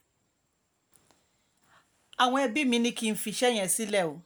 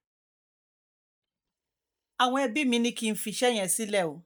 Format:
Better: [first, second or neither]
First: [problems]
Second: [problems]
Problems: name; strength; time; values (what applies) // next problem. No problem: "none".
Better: first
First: none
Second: noise reduction (neural mask model DeepFilterNet 3)